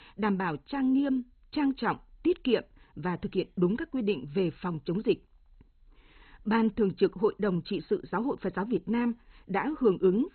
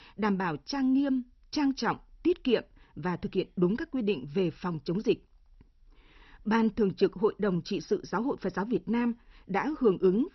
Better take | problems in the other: second | garbled, watery; badly; nothing above 4 kHz; slightly in the second

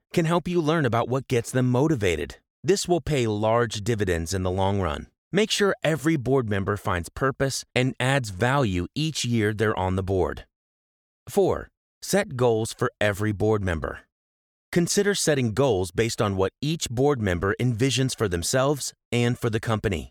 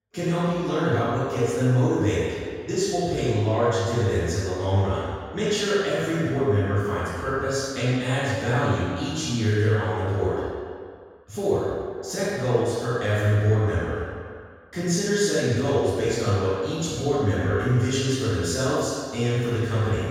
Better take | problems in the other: first | room echo; strong; dies away in 1.8 s // off-mic speech; far

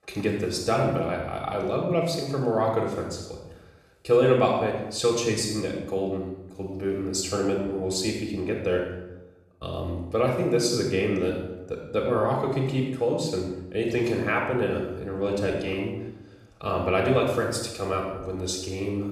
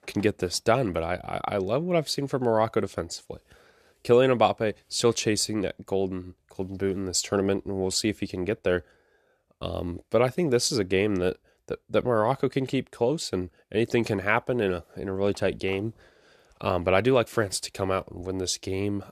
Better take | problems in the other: second | room echo; noticeable; dies away in 0.8 s // off-mic speech; somewhat distant

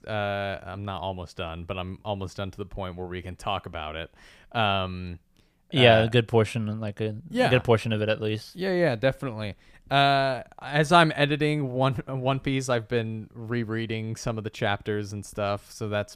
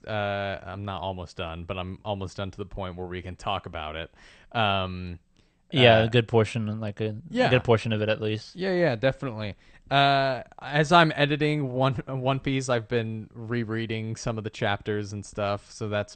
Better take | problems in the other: first | garbled, watery; slightly; nothing above 8.5 kHz

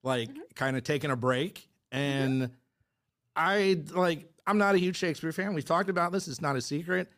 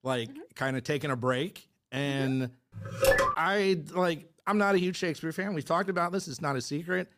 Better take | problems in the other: first | phone ringing; loud; at 3 s; peak 6 dB above the speech

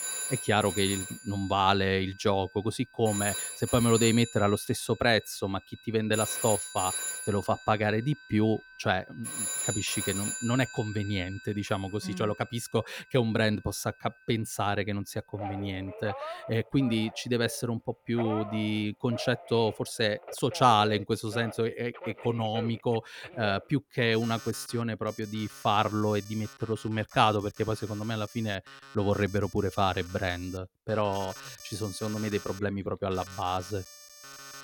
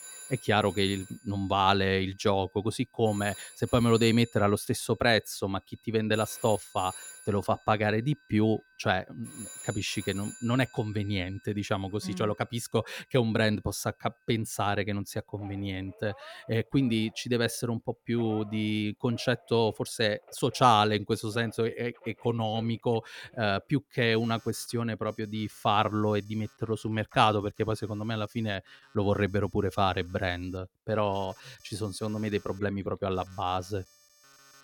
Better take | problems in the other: second | alarms or sirens; loud; throughout; 9 dB below the speech; faint in the second

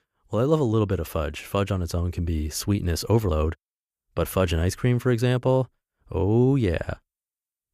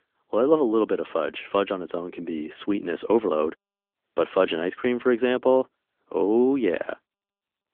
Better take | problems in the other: first | phone-call audio; nothing above 3.5 kHz

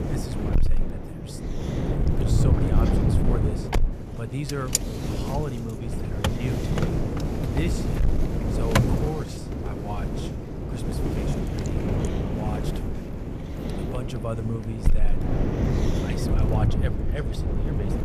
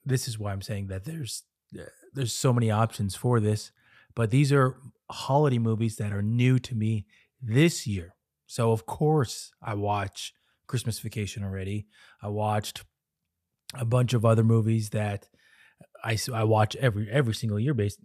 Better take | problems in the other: second | wind noise on the microphone; heavy; 4 dB above the speech

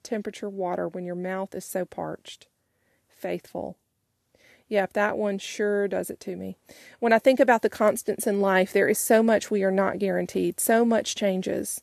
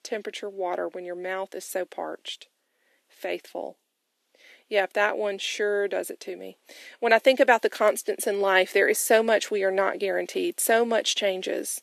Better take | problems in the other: first | thin; somewhat; fading below 300 Hz

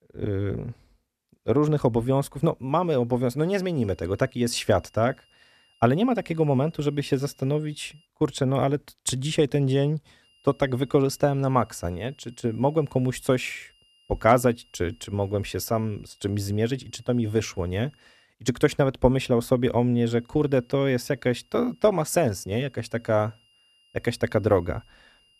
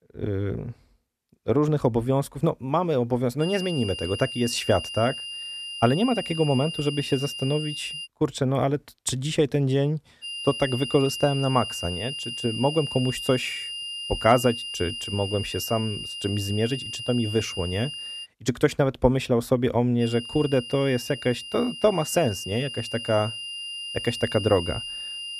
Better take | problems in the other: first | high-pitched whine; loud; from 3.5 to 8 s, from 10 to 18 s and from 20 s on; 3 kHz, 7 dB below the speech; faint in the first

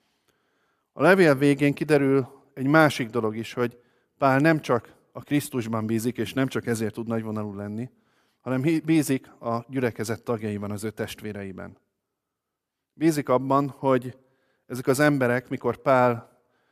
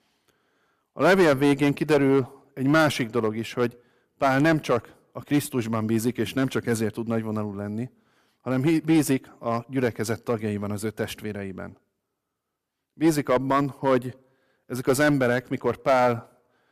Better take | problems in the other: first | distortion; slight; 2% of the sound clipped

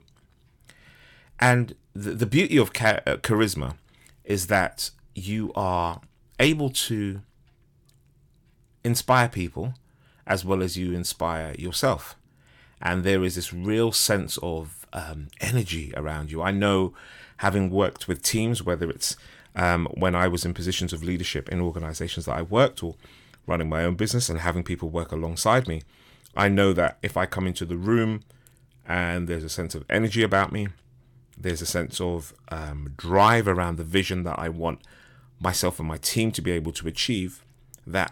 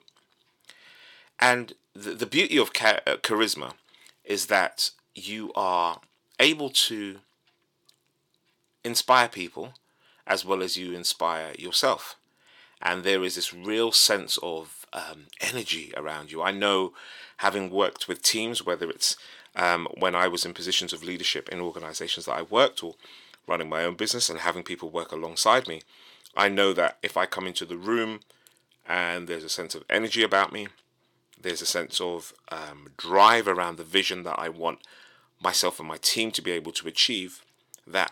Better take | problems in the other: first | thin; somewhat; fading below 350 Hz

